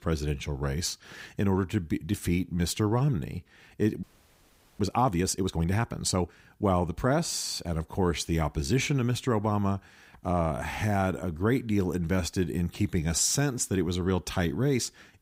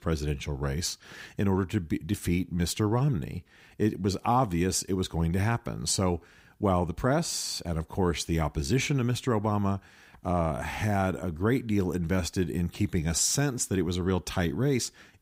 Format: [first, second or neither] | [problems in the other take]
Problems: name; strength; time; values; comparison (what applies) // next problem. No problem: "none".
second | audio freezing; at 4 s for 1 s